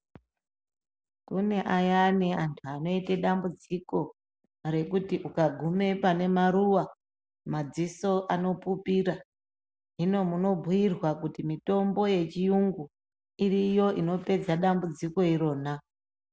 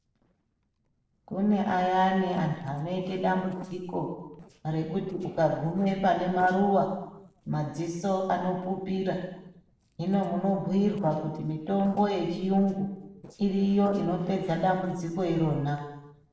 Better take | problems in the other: first | noise reduction (neural separator model SepFormer DNS4)

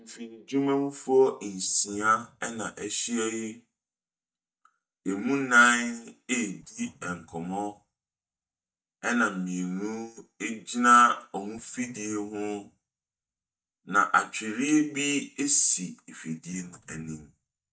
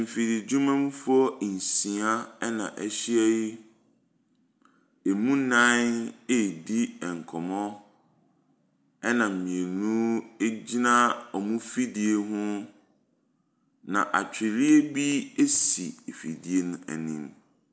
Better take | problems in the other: second | noise reduction (neural mask model DeepFilterNet 3)

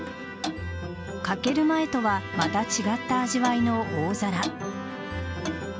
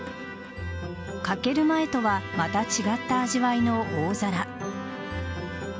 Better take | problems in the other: second | background sound (Clock); 12 dB below the speech

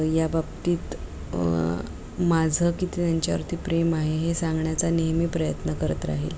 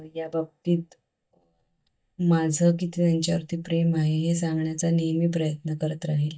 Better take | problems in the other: first | noise reduction (neural mask model DeepFilterNet 3)

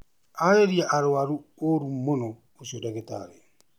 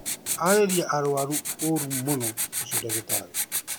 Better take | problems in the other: first | background sound (Writing); 3 dB below the speech

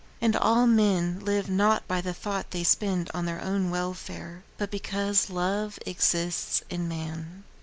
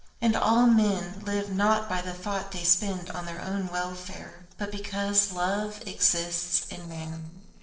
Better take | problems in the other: first | noise reduction (neural separator model SepFormer DNS4)

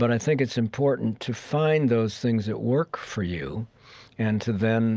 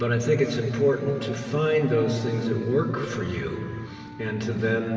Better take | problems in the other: first | background sound (Wind instrument, woodwind instrument); 18 dB below the speech // room echo; dies away in 2.8 s

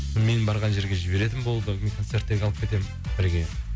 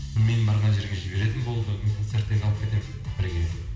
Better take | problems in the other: first | room echo; dies away in 1.1 s

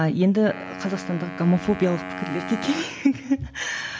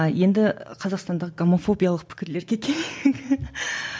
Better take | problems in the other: second | background sound (Wind instrument, woodwind instrument); 12 dB below the speech

